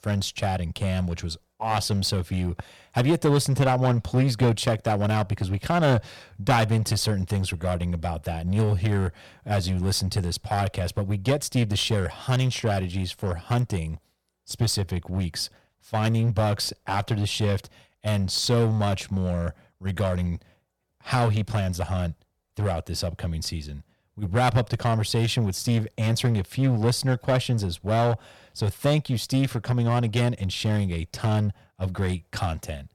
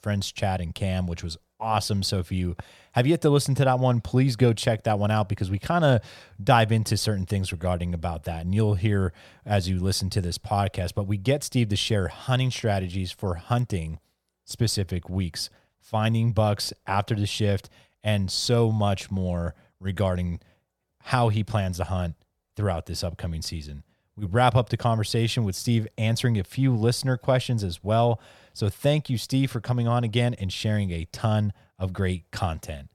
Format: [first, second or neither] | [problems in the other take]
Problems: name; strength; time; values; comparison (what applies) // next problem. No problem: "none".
second | distortion; slight; 7% of the sound clipped